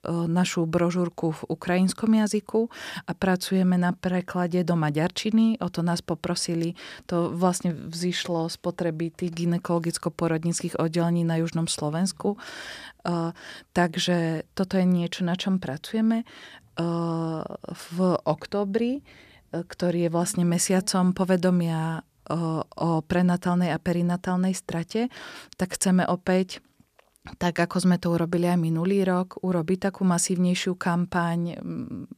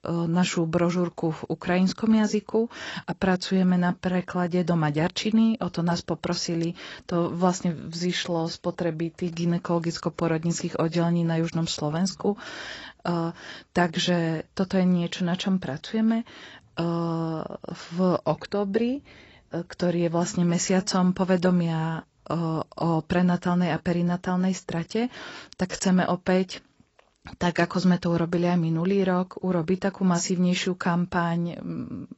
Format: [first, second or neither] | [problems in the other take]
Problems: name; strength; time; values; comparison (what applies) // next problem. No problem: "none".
first | garbled, watery; badly; nothing above 8 kHz